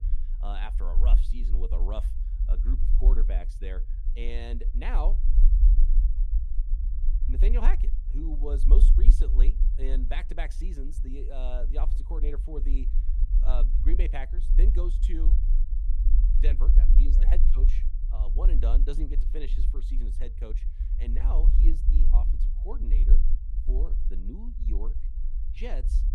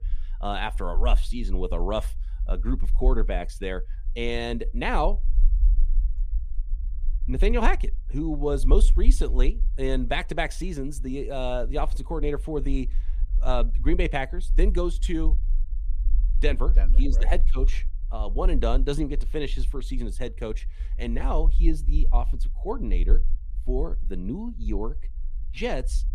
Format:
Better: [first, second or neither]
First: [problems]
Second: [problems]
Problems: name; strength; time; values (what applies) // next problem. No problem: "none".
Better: second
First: low rumble; loud; throughout; 8 dB below the speech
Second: low rumble; faint; throughout; 20 dB below the speech